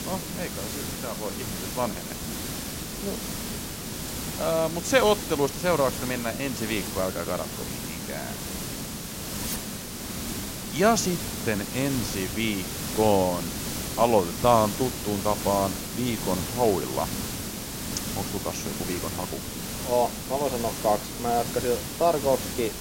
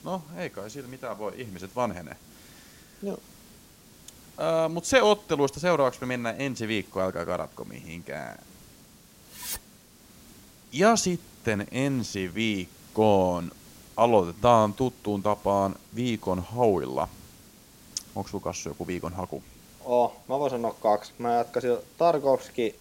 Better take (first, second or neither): second